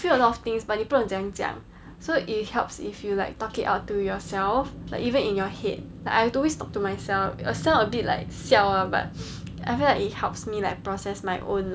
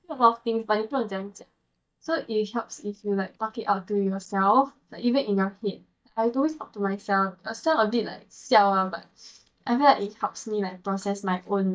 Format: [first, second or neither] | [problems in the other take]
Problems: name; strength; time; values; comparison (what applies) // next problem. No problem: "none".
first | noise reduction (neural mask model DeepFilterNet 3)